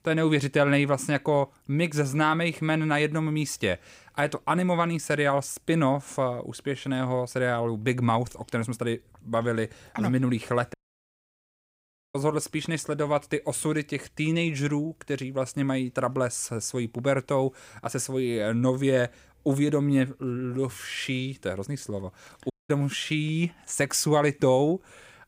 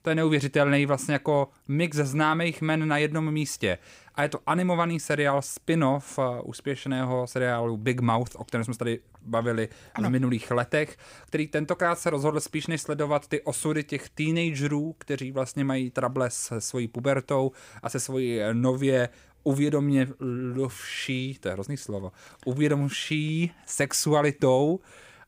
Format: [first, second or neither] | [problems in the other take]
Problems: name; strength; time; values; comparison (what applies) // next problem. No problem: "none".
second | audio cutting out; at 11 s for 1.5 s and at 23 s